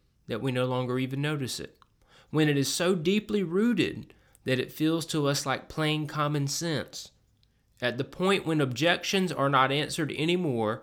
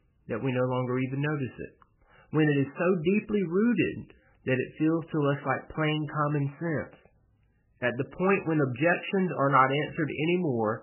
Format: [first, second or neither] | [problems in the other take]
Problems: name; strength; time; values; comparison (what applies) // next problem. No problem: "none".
first | garbled, watery; badly; nothing above 3 kHz